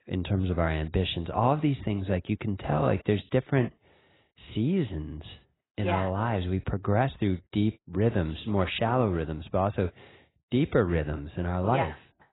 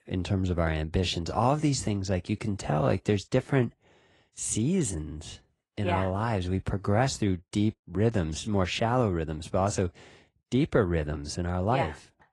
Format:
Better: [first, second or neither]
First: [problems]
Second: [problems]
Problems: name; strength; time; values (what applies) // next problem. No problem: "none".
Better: second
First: garbled, watery; badly; nothing above 4 kHz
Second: garbled, watery; slightly